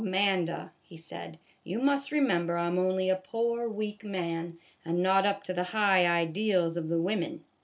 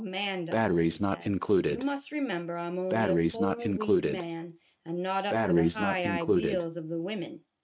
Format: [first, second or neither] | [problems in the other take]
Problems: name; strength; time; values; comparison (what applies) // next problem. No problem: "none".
first | noise reduction (neural mask model RNNoise)